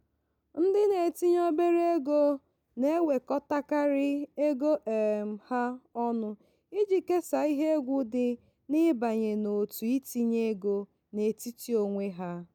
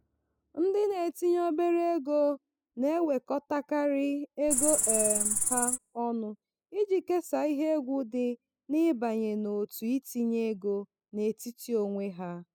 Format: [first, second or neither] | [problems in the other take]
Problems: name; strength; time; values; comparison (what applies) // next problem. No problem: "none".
first | noise reduction (classical method spectral subtraction)